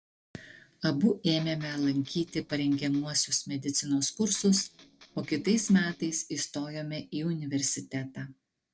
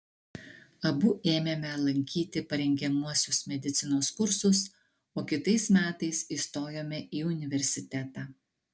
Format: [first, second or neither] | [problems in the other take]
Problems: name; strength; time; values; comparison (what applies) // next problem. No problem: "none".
second | noise reduction (neural separator model SepFormer DNS4)